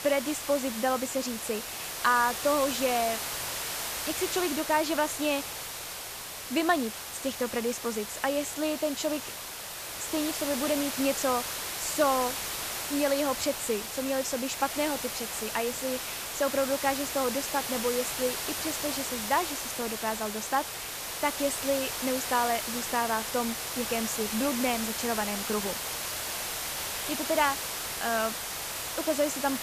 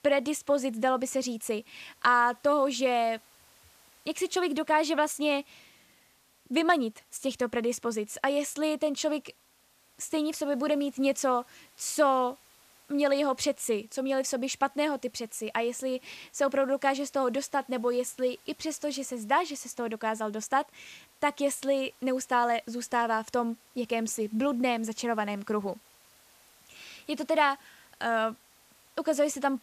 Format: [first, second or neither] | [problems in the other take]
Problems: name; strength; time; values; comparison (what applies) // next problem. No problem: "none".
second | hiss; loud; throughout; 3 dB below the speech; faint in the second